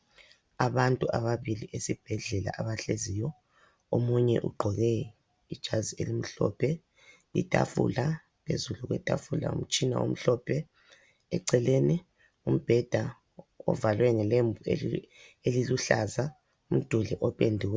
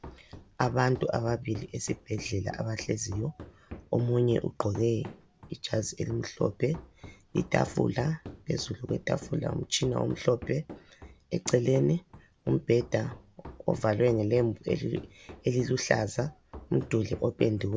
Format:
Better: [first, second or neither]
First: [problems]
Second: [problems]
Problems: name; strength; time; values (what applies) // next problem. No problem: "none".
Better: first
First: none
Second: background sound (Run); 18 dB below the speech